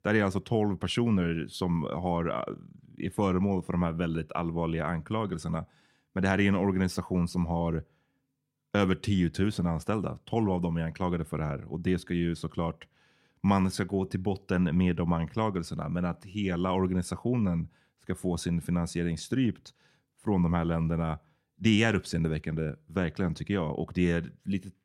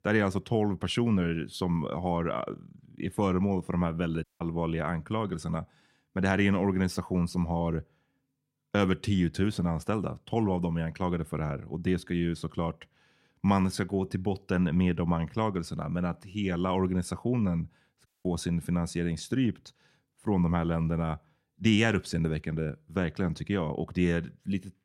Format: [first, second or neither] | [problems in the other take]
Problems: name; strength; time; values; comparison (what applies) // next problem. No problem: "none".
first | audio cutting out; at 4 s and at 18 s